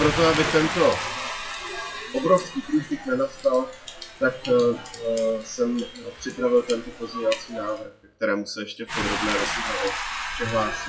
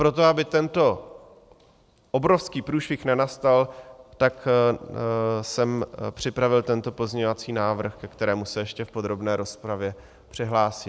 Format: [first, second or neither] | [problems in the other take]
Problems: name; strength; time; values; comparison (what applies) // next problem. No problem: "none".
second | noise reduction (classical method WPE with log-MMSE)